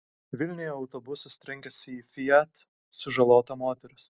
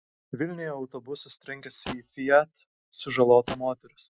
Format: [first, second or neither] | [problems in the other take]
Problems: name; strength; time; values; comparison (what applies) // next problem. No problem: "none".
first | noise reduction (classical method Wiener filter)